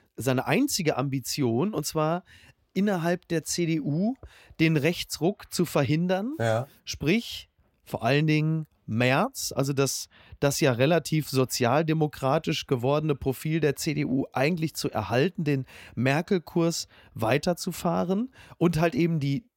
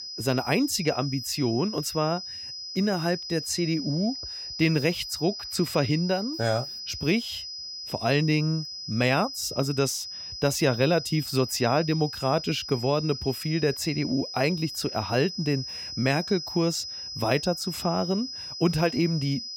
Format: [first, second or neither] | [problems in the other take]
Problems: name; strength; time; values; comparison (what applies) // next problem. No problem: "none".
first | high-pitched whine; loud; throughout; 5 kHz, 7 dB below the speech